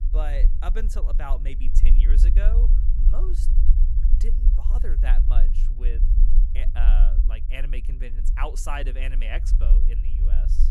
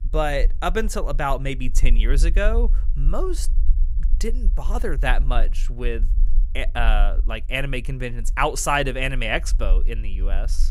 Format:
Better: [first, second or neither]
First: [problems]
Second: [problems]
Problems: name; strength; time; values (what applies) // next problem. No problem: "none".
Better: second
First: low rumble; loud; throughout; 9 dB below the speech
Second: low rumble; faint; throughout; 25 dB below the speech